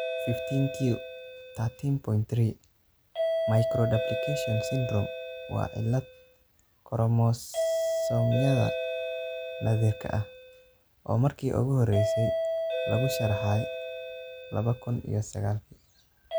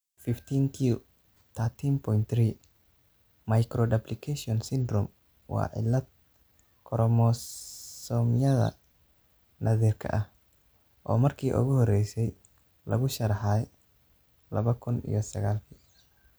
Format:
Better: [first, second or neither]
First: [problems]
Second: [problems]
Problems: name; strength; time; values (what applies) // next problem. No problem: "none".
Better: second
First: background sound (Doorbell); 4 dB below the speech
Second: none